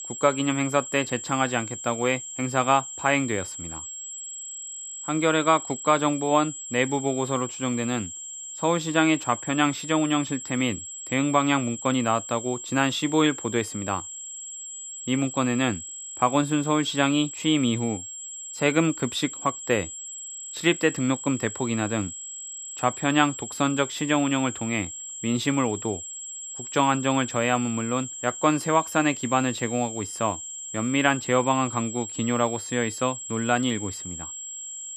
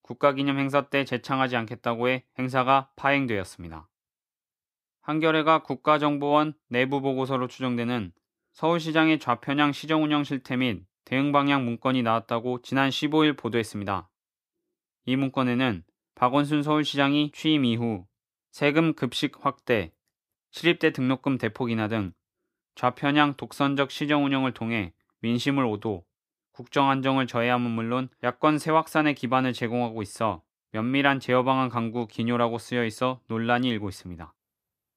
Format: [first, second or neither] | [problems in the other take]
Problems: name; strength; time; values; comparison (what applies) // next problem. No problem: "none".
second | high-pitched whine; loud; throughout; 7.5 kHz, 9 dB below the speech